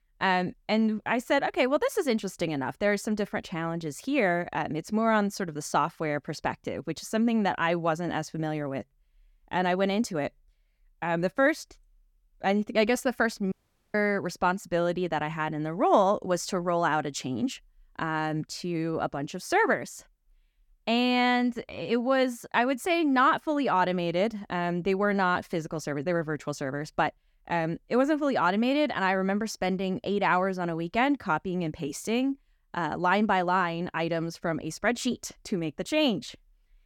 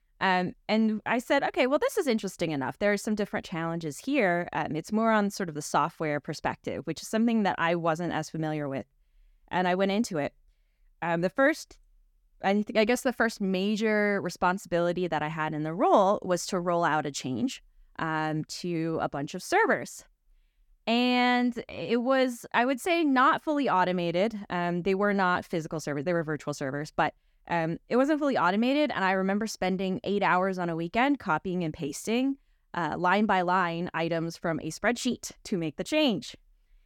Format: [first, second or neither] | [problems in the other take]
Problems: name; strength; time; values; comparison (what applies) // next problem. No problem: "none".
second | audio cutting out; at 14 s